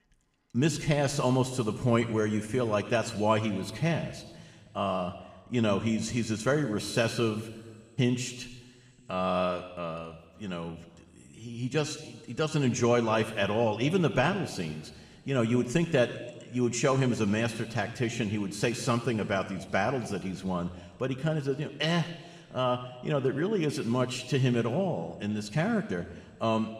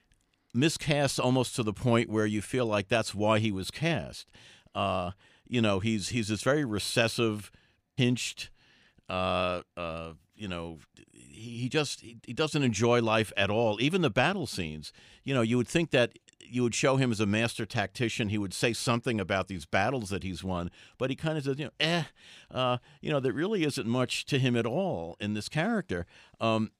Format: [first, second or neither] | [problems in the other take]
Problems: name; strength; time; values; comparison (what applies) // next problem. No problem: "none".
second | room echo; slight; dies away in 1.7 s